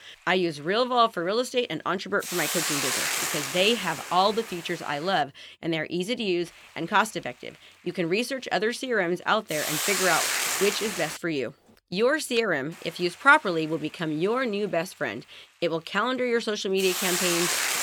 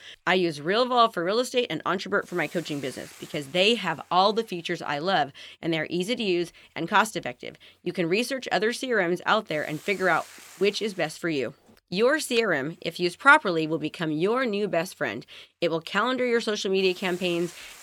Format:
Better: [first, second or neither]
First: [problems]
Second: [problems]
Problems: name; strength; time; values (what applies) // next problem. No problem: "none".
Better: second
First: hiss; loud; until 5 s, from 6.5 to 11 s and from 13 s on; 1 dB below the speech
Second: hiss; faint; until 5 s, from 6.5 to 11 s and from 13 s on; 20 dB below the speech